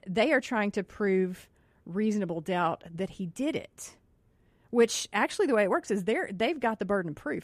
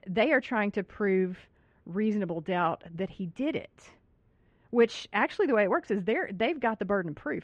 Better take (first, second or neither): first